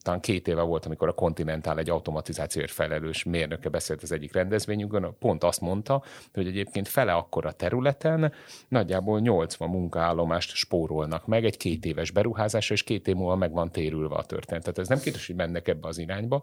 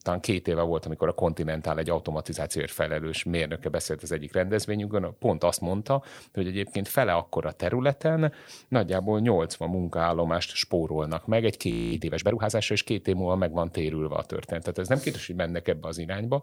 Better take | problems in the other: first | audio freezing; at 12 s

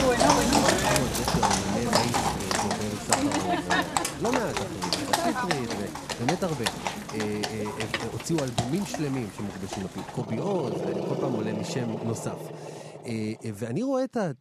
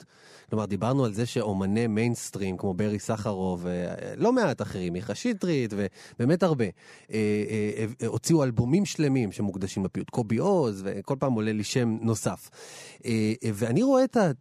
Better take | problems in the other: second | animal sounds; very loud; throughout; 4 dB above the speech

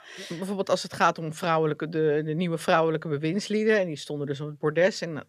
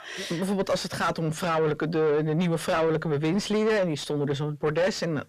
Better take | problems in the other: first | distortion; heavy; 6 dB below the speech

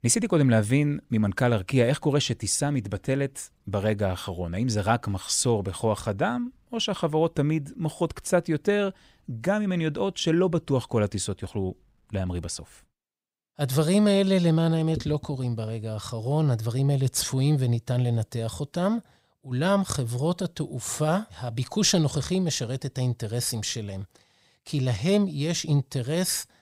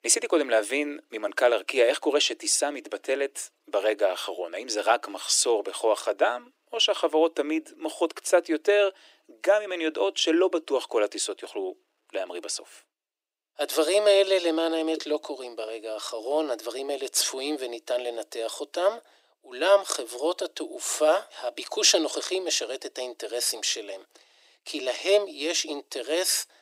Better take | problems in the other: first | thin; very; fading below 300 Hz

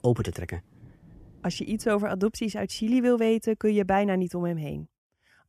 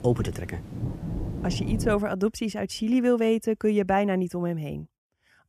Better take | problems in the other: first | rain or running water; loud; until 2 s; 7 dB below the speech; faint in the first

